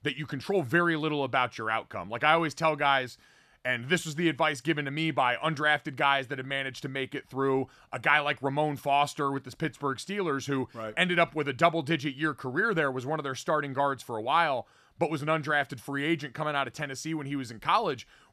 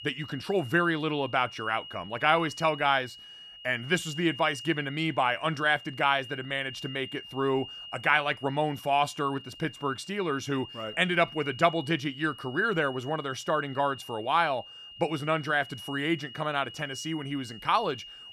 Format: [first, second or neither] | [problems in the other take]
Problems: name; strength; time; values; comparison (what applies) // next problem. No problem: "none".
first | high-pitched whine; noticeable; throughout; 3 kHz, 15 dB below the speech